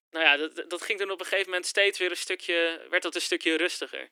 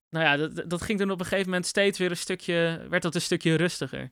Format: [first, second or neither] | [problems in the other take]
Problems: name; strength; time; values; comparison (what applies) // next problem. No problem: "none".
second | thin; very; fading below 300 Hz